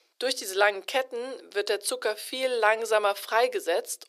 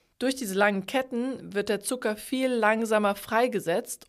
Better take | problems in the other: second | thin; very; fading below 350 Hz

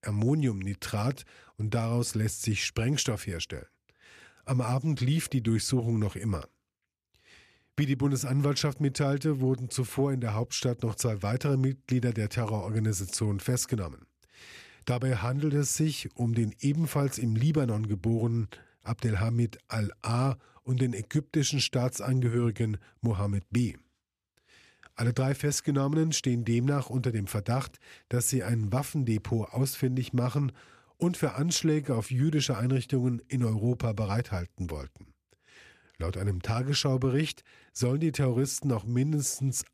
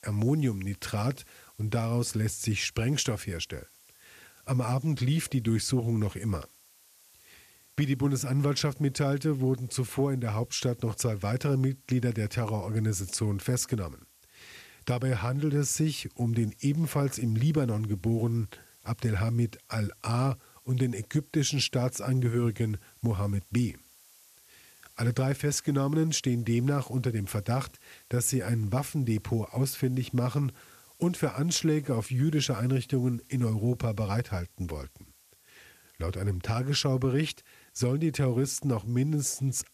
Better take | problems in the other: first | hiss; faint; throughout; 25 dB below the speech

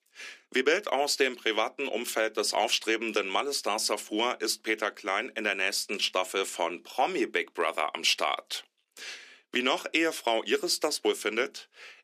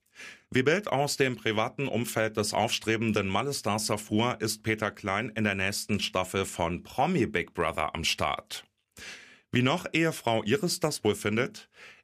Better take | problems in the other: second | thin; somewhat; fading below 300 Hz

